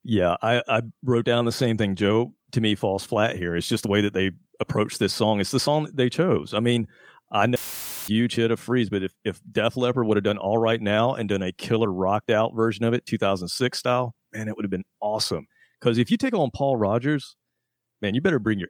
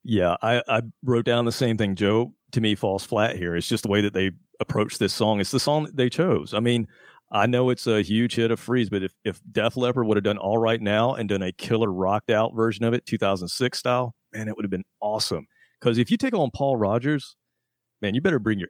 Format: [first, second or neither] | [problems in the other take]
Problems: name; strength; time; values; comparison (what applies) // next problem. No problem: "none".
second | audio cutting out; filled with static; at 7.5 s for 0.5 s